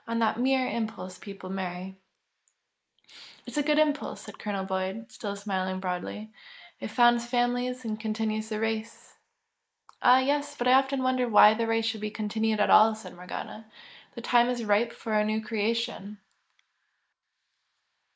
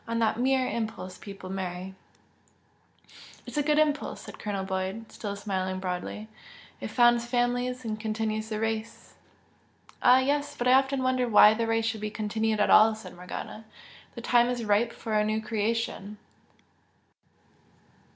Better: second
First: noise reduction (neural mask model Resemble Enhance denoiser)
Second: none

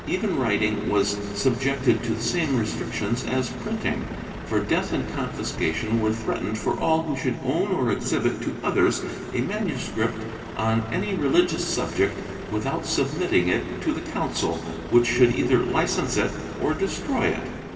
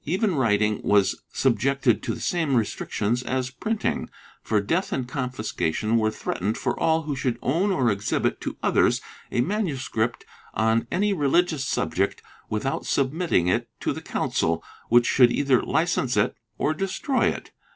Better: second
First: background sound (Truck); 12 dB below the speech // room echo; dies away in 2.6 s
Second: none

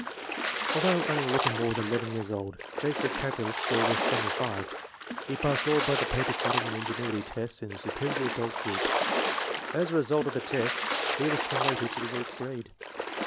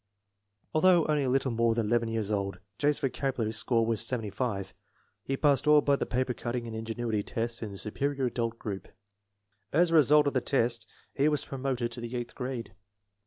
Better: second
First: background sound (Splash, splatter); as loud as the speech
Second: none

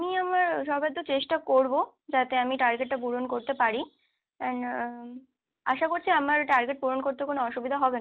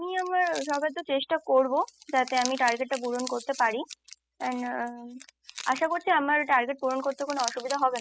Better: first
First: none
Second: noise reduction (classical method spectral subtraction)

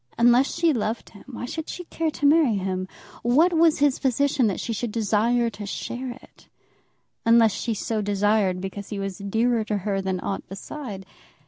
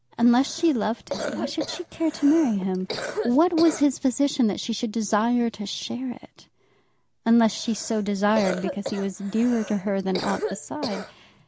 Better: first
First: none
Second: background sound (Cough); 10 dB below the speech

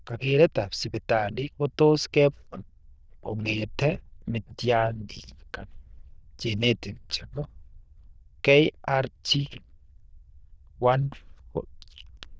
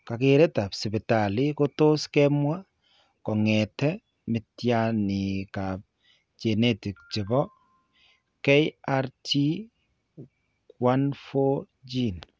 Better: second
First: noise reduction (neural diffusion model UNIVERSE++)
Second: none

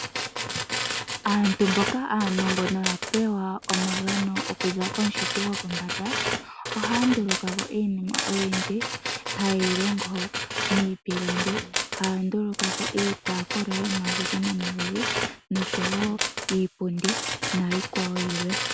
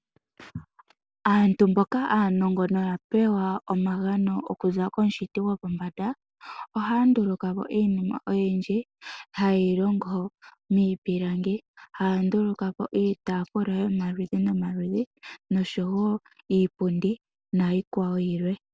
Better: second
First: background sound (Tools); 2 dB below the speech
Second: none

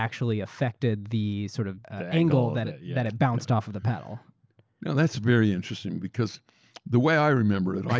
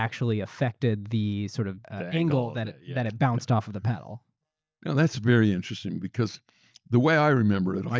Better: first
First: none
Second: noise reduction (neural mask model DeepFilterNet 3)

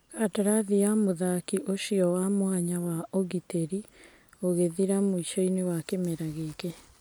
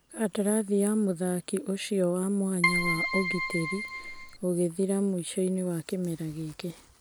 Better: first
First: none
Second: background sound (Keyboard (musical)); 1 dB below the speech

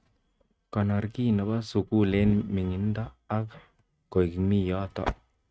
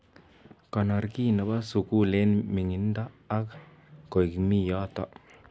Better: second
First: noise reduction (neural mask model RNNoise)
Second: none

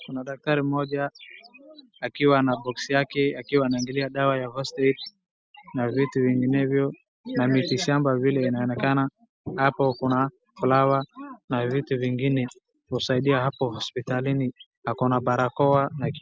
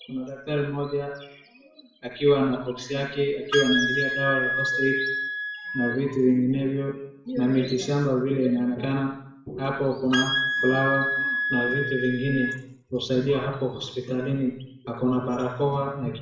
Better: first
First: none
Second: background sound (Wind instrument, woodwind instrument); 2 dB below the speech // room echo; dies away in 0.7 s

